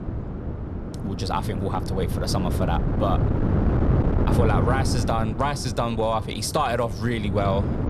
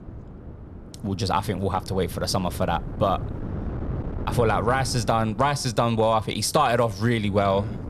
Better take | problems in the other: second | wind noise on the microphone; heavy; 7 dB below the speech; occasional gusts in the second

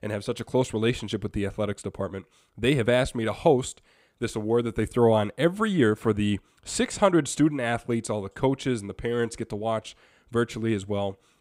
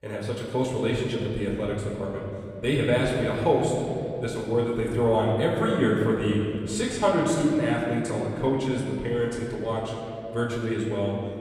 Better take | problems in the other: first | room echo; noticeable; dies away in 2.6 s // off-mic speech; far

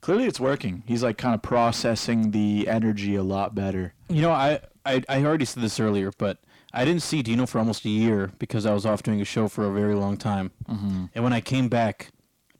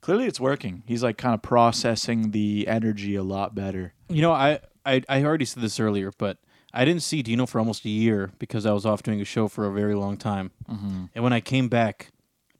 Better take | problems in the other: second | distortion; slight; 10 dB below the speech

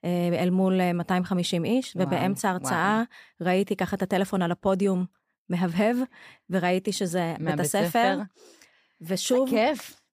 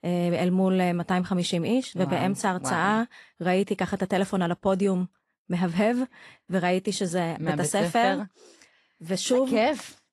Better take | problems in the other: first | garbled, watery; slightly; nothing above 11 kHz

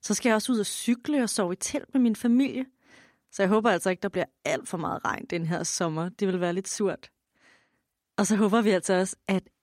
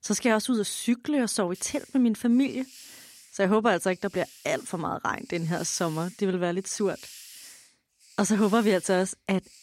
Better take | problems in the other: first | hiss; faint; from 1.5 s on; 20 dB below the speech

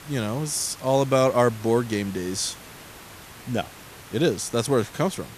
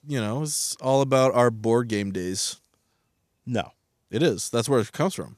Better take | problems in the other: second | hiss; noticeable; throughout; 20 dB below the speech

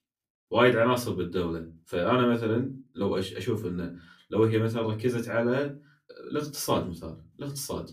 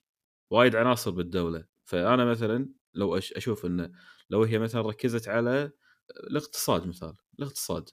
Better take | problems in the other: second | off-mic speech; far // room echo; very slight; dies away in 0.2 s

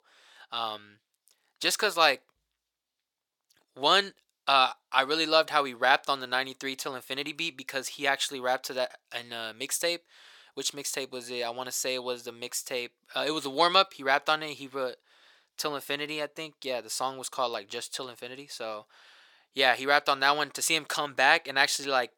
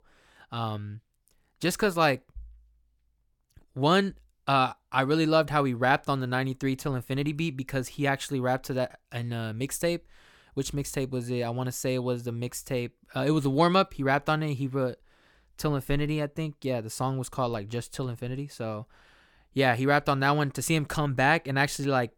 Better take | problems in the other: second | thin; very; fading below 550 Hz

